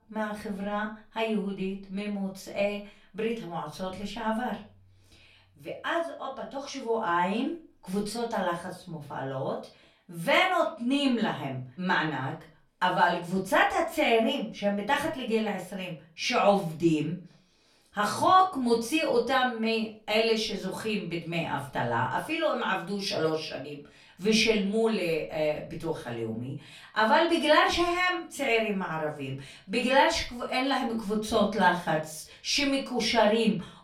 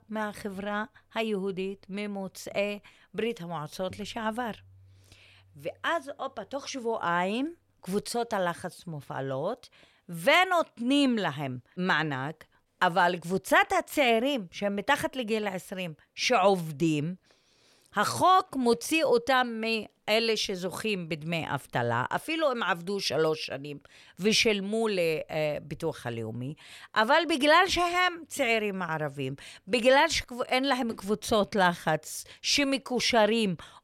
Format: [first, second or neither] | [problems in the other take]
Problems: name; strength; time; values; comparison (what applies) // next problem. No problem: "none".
second | off-mic speech; far // room echo; very slight; dies away in 0.3 s